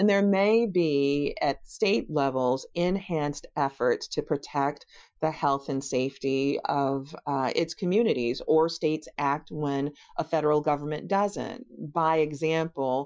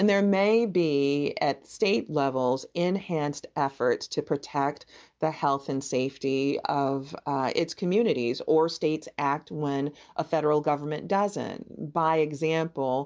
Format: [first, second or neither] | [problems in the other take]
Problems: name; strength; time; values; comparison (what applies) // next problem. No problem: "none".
second | noise reduction (classical method Wiener filter)